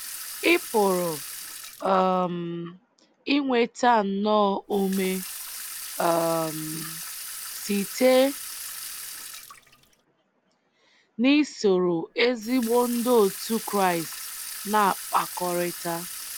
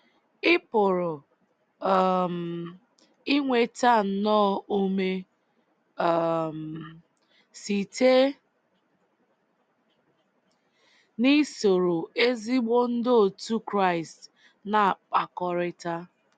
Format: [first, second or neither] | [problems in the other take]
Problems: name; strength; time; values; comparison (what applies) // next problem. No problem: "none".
second | background sound (Sink (filling or washing) / Water tap, faucet); 13 dB below the speech